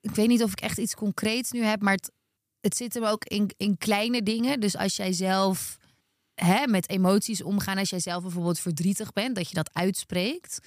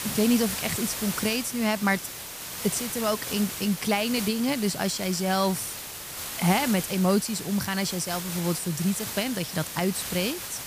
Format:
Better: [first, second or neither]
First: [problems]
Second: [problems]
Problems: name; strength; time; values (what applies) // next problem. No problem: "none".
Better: first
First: none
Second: hiss; loud; throughout; 6 dB below the speech